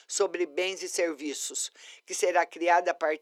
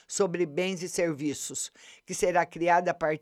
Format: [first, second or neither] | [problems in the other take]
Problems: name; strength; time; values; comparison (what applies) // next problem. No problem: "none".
second | thin; somewhat; fading below 300 Hz